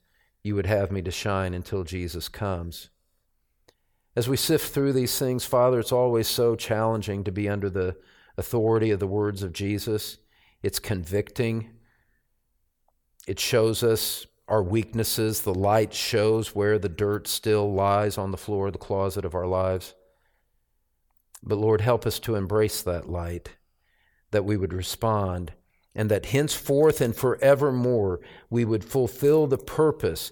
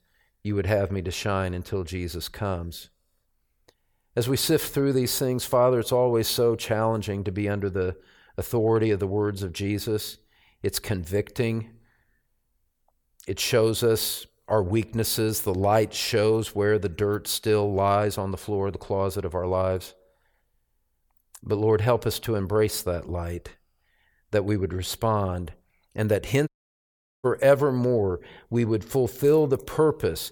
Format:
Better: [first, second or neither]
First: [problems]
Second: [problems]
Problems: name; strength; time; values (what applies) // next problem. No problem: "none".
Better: first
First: none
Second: audio cutting out; at 26 s for 1 s